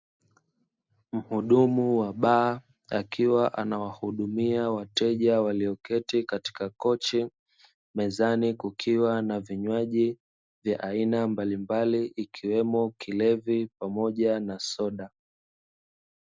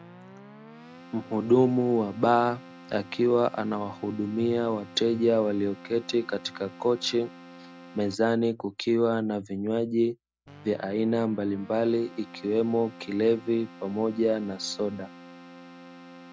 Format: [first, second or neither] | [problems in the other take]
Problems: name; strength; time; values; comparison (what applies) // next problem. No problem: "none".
first | background sound (Keyboard (musical)); 20 dB below the speech